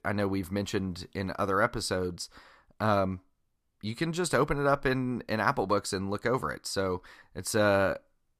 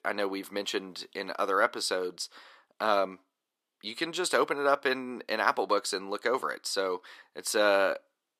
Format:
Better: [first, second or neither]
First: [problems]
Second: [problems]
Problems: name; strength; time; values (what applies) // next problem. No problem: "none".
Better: first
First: none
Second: thin; somewhat; fading below 350 Hz